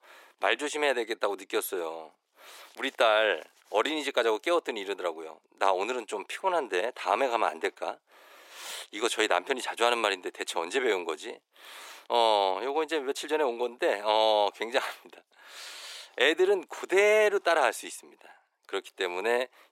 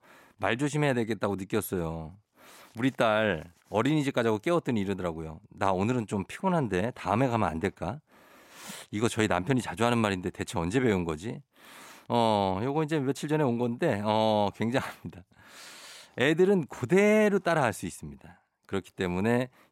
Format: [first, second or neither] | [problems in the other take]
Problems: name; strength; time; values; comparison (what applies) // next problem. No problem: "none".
second | thin; very; fading below 350 Hz